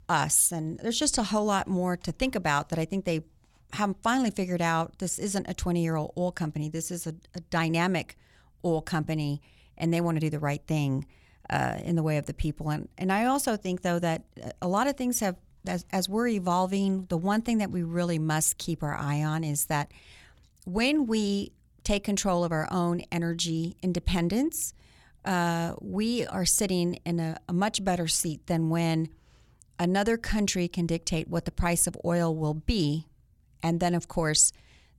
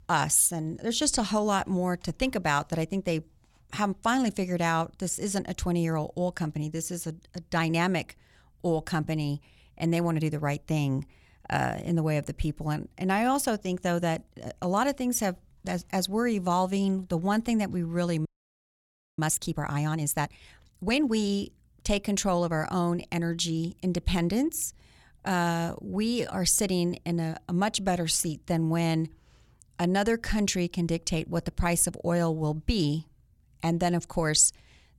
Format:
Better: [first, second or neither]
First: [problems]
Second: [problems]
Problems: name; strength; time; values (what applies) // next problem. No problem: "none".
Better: first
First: none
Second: audio freezing; at 18 s for 1 s